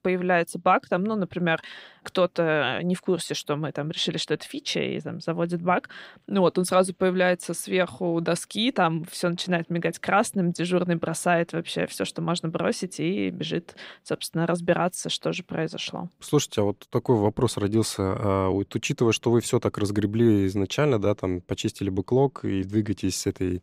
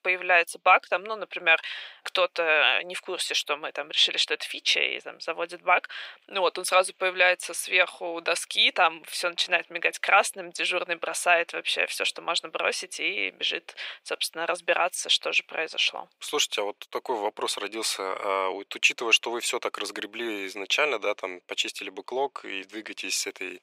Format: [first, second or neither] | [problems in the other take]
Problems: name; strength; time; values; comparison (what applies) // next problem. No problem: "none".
first | thin; very; fading below 550 Hz